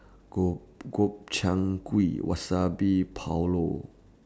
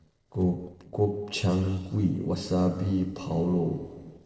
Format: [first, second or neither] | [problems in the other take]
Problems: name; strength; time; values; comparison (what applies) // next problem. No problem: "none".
first | noise reduction (neural separator model SepFormer DNS4)